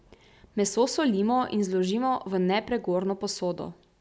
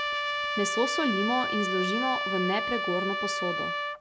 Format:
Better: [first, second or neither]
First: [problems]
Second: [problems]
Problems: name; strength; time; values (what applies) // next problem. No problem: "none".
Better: first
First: none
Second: background sound (Trumpet); as loud as the speech